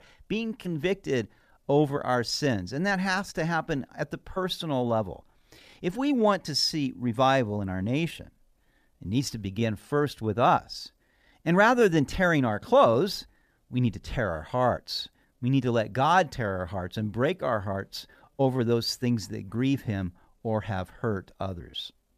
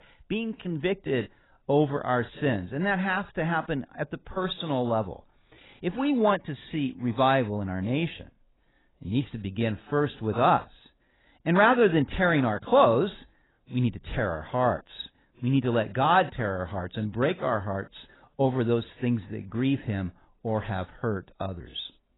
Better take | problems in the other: first | garbled, watery; badly; nothing above 4 kHz

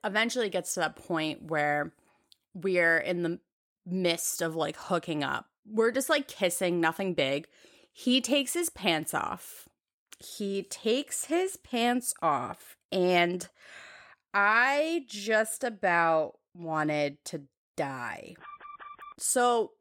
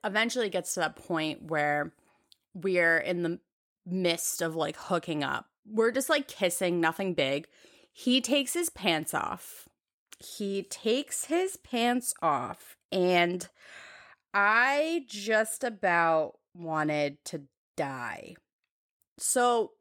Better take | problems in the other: second | alarm; faint; at 18 s; peak 15 dB below the speech

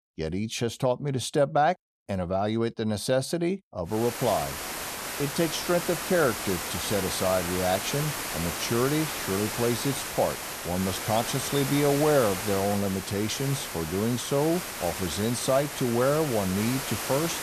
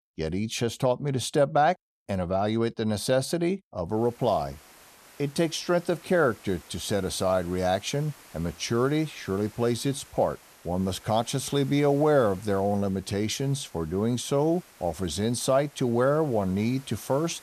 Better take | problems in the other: second | hiss; loud; from 4 s on; 5 dB below the speech; faint in the second

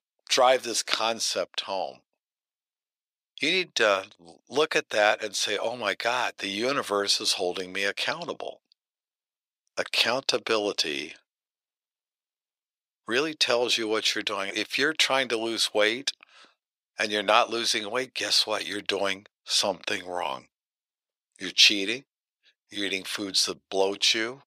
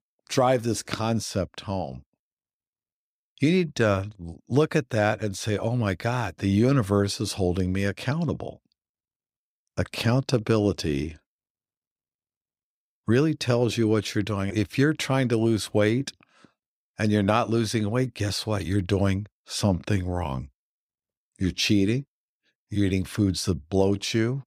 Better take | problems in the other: second | thin; very; fading below 600 Hz

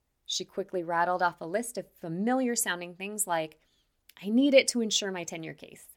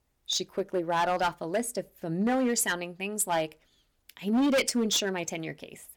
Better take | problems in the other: first | distortion; heavy; 7% of the sound clipped

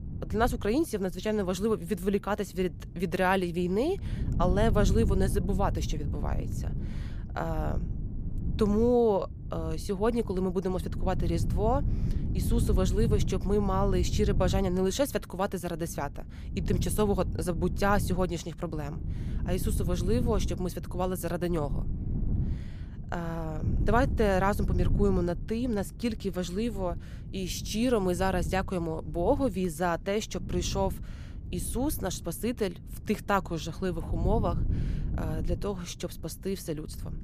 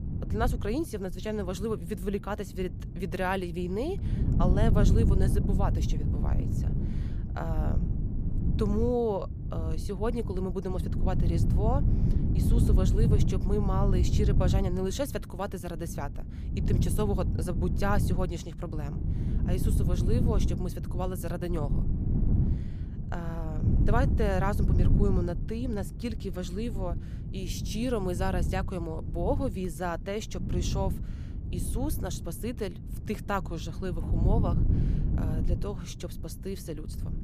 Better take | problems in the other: first | wind noise on the microphone; heavy; 7 dB below the speech; occasional gusts in the first

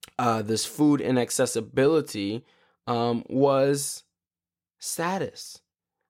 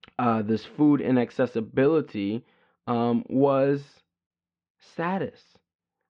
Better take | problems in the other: first | muffled; very; fading above 3 kHz

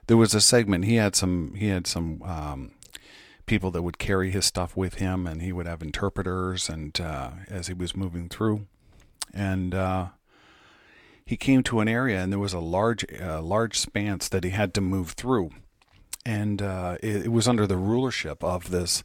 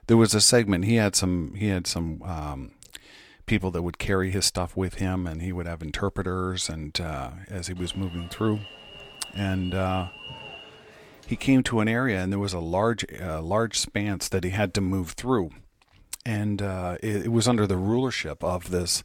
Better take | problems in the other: first | alarm; faint; from 8 to 12 s; peak 15 dB below the speech

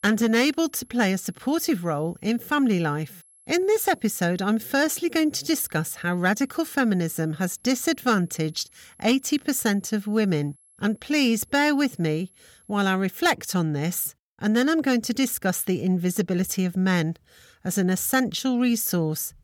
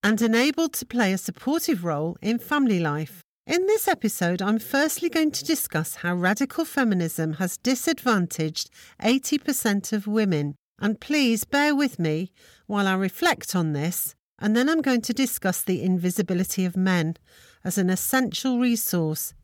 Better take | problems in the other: second | high-pitched whine; faint; until 13 s; 11 kHz, 30 dB below the speech

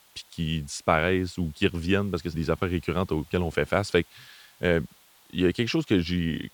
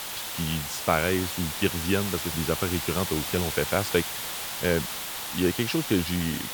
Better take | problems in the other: first | hiss; loud; throughout; 3 dB below the speech; faint in the first

